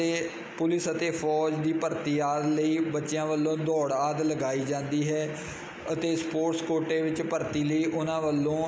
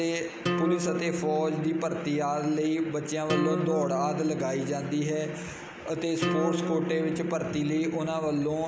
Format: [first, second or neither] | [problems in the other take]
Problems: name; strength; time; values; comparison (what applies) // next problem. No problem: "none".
first | background sound (Acoustic guitar); 4 dB below the speech